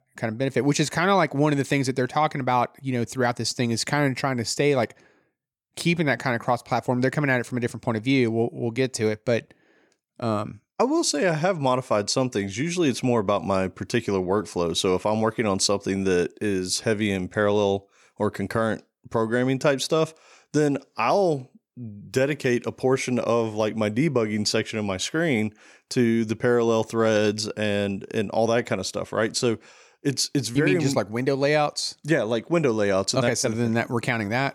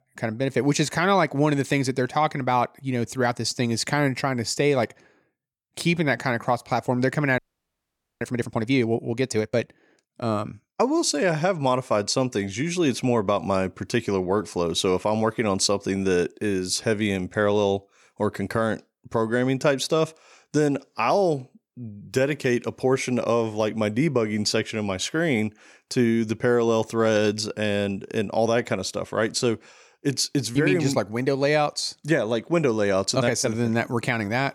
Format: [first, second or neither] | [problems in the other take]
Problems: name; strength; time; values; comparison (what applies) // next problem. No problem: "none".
first | audio freezing; at 7.5 s for 1 s